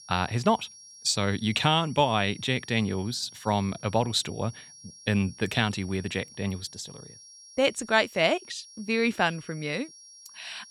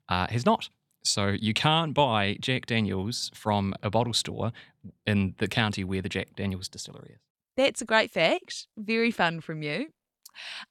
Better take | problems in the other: second | high-pitched whine; noticeable; throughout; 5.5 kHz, 20 dB below the speech

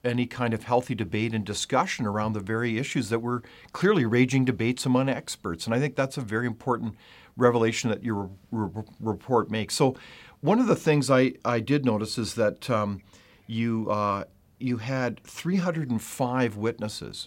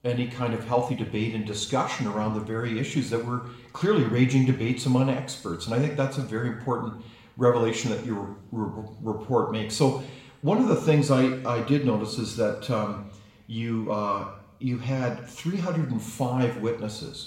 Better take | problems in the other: first | room echo; noticeable; dies away in 0.7 s // off-mic speech; somewhat distant

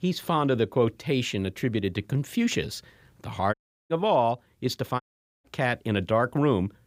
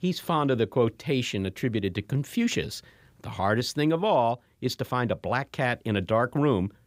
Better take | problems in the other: second | audio cutting out; at 3.5 s and at 5 s

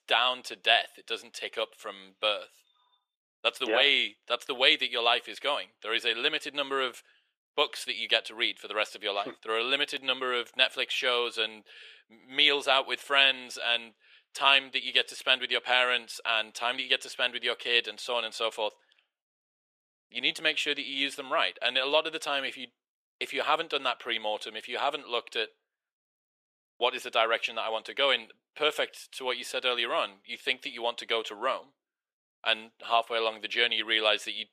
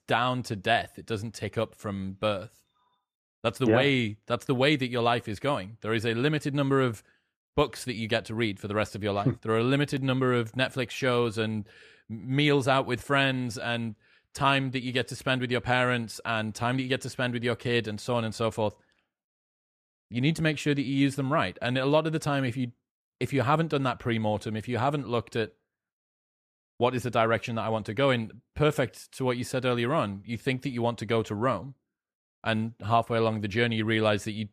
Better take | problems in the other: second | thin; very; fading below 450 Hz

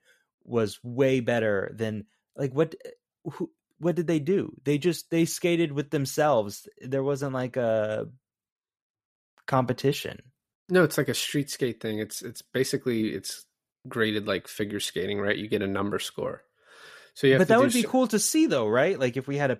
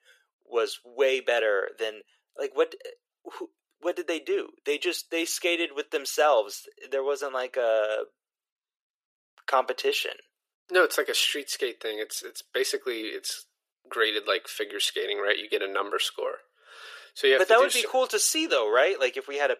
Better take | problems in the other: first | thin; very; fading below 400 Hz

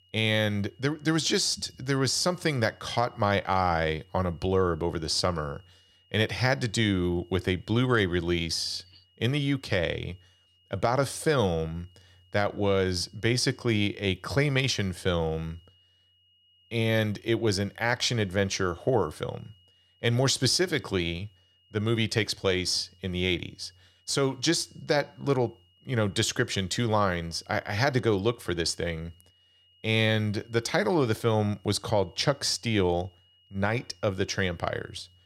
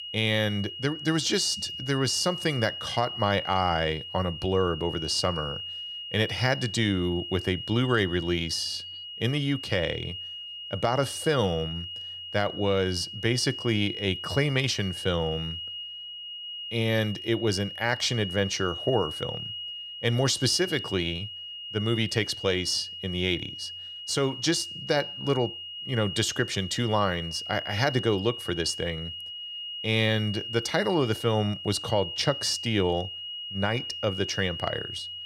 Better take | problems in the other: first | high-pitched whine; loud; throughout; 3 kHz, 8 dB below the speech; faint in the first

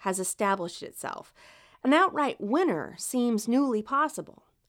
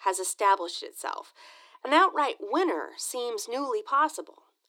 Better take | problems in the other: first | thin; very; fading below 300 Hz

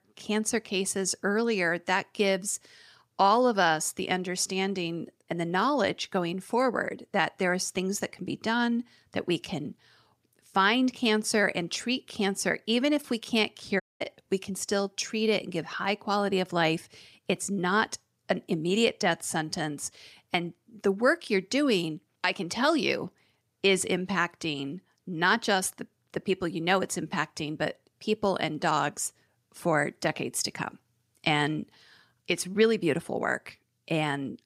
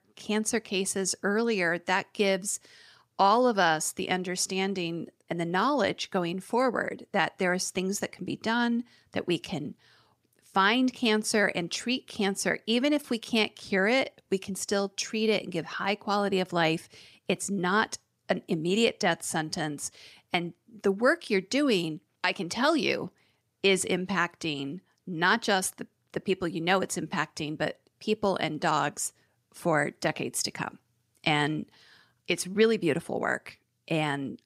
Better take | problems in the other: second | audio cutting out; at 14 s

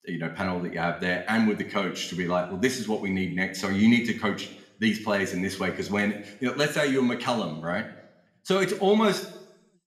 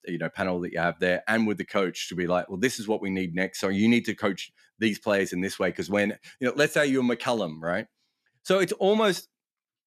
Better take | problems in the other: second | room echo; slight; dies away in 0.7 s

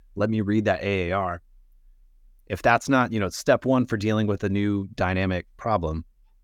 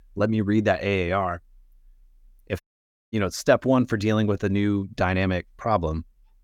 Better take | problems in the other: first | audio cutting out; at 2.5 s for 0.5 s

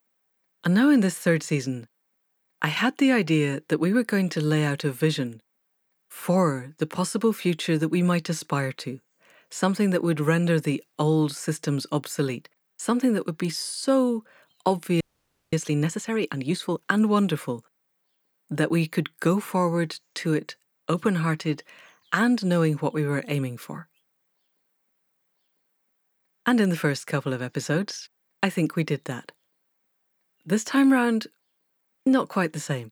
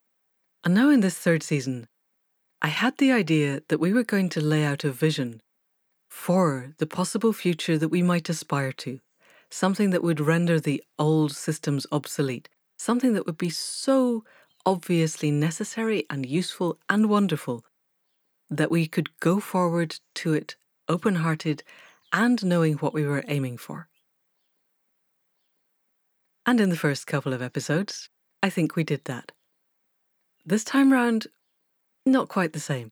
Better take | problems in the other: second | audio freezing; at 15 s for 0.5 s

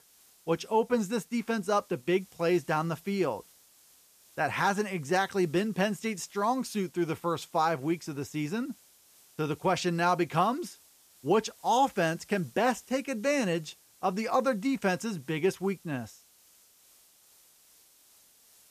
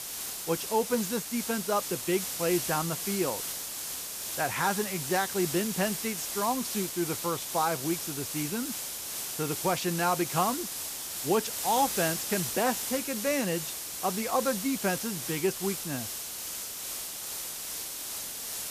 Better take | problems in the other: first | hiss; loud; throughout; 2 dB below the speech; faint in the first

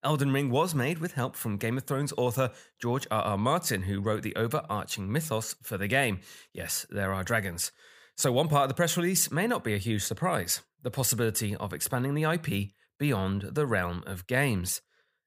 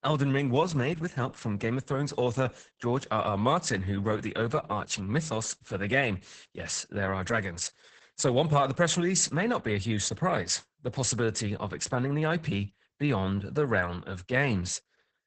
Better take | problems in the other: first | garbled, watery; badly; nothing above 8 kHz

